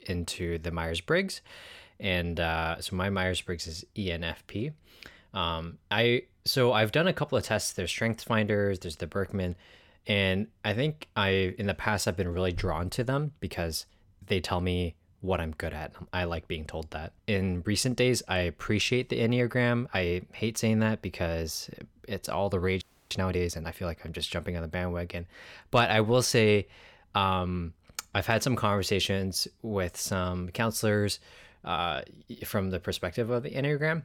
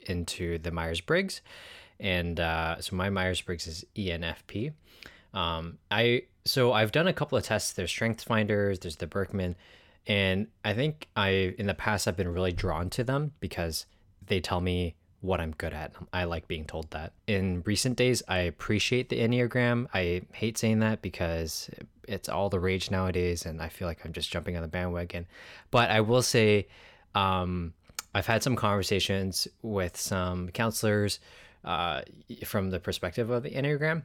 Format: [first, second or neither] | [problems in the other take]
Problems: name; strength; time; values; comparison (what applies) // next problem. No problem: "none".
second | audio freezing; at 23 s